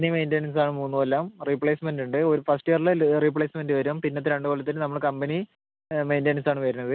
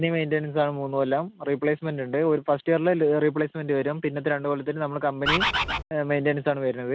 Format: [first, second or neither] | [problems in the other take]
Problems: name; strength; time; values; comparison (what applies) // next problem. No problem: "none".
first | background sound (Bird); 1 dB above the speech